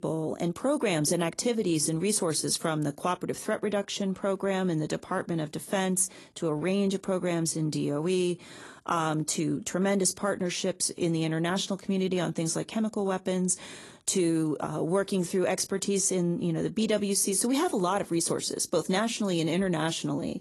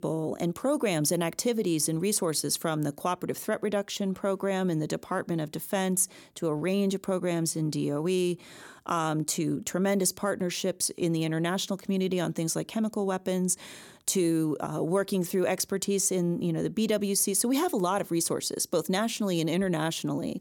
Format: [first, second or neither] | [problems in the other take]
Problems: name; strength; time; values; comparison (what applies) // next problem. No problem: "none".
second | garbled, watery; slightly; nothing above 11.5 kHz